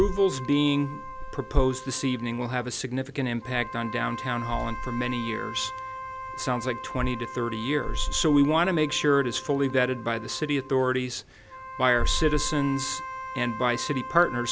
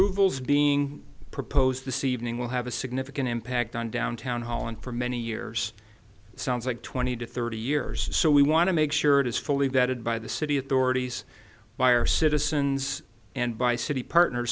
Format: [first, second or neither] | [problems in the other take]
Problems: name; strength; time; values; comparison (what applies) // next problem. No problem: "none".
second | background sound (Wind instrument, woodwind instrument); 12 dB below the speech